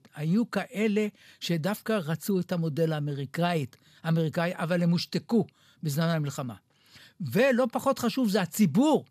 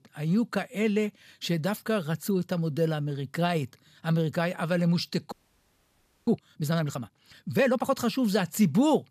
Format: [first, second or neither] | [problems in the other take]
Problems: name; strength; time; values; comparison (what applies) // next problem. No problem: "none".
first | audio freezing; at 5.5 s for 1 s